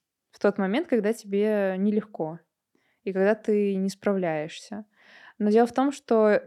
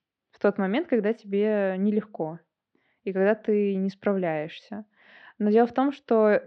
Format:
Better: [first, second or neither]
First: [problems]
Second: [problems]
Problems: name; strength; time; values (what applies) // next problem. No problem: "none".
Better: first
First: none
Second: muffled; slightly; fading above 4 kHz